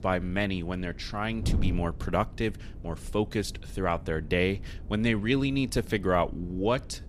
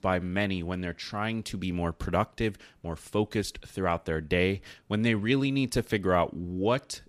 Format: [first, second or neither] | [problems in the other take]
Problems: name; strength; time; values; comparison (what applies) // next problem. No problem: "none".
second | wind noise on the microphone; occasional gusts; 20 dB below the speech